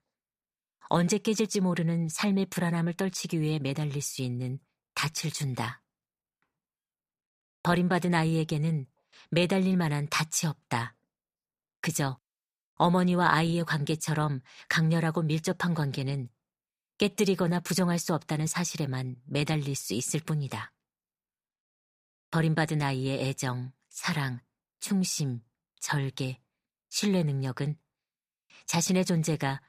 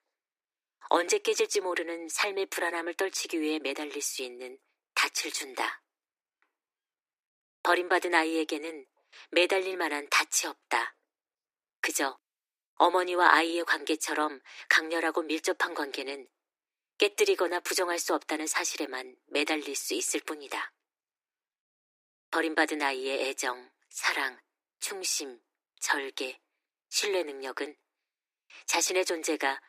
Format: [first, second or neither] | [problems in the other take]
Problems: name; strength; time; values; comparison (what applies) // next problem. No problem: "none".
first | thin; very; fading below 300 Hz